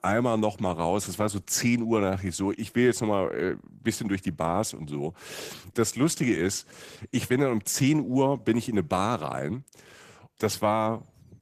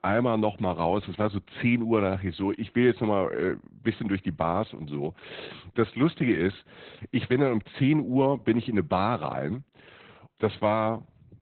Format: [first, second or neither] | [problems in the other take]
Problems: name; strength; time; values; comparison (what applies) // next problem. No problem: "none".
first | garbled, watery; badly; nothing above 4 kHz; slightly in the first